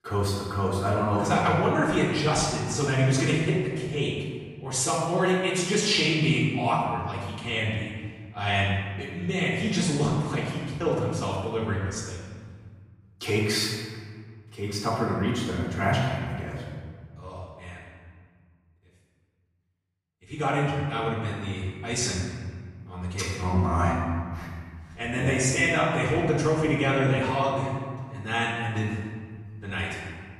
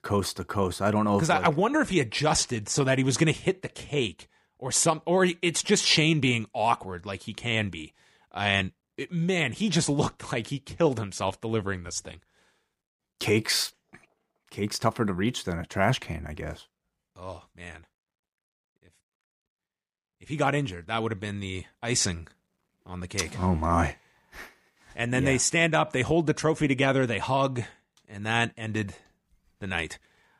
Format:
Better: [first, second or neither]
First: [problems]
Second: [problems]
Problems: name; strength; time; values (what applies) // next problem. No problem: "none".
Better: second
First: off-mic speech; far // room echo; noticeable; dies away in 1.7 s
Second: none